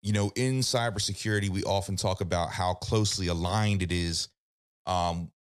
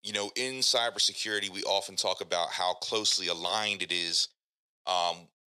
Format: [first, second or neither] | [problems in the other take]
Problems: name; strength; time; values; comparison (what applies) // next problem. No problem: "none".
first | thin; very; fading below 500 Hz